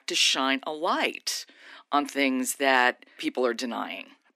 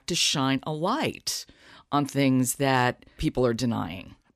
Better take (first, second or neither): second